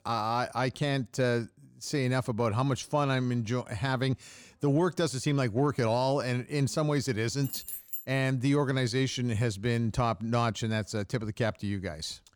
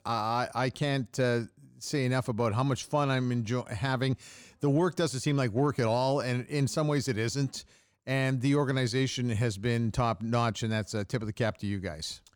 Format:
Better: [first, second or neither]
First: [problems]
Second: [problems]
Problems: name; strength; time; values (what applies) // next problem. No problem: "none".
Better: second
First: jangling keys; noticeable; at 7.5 s; peak 6 dB below the speech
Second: none